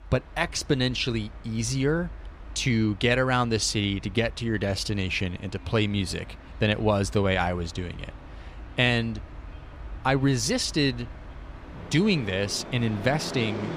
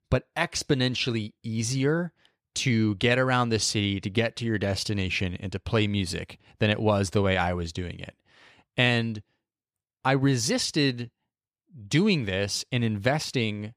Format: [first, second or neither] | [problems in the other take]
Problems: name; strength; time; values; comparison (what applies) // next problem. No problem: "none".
second | train or aircraft noise; noticeable; throughout; 15 dB below the speech